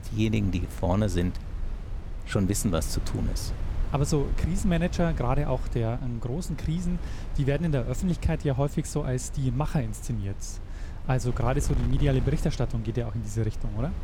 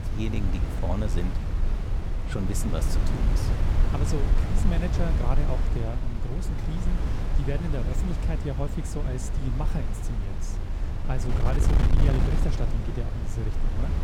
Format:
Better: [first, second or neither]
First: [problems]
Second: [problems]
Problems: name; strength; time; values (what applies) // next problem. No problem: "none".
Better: first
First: wind noise on the microphone; occasional gusts; 15 dB below the speech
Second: wind noise on the microphone; heavy; 1 dB below the speech